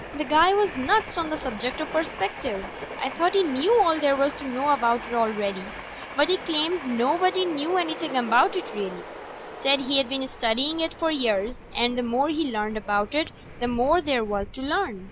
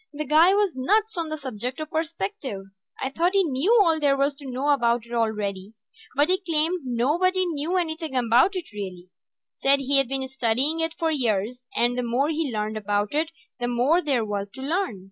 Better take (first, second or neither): second